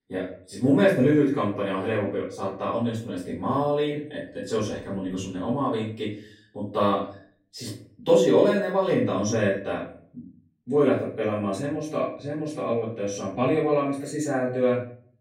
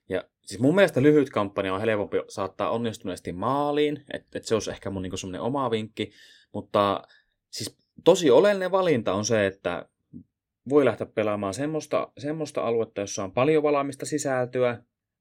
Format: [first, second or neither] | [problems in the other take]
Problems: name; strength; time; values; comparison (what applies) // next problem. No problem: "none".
second | off-mic speech; far // room echo; noticeable; dies away in 0.4 s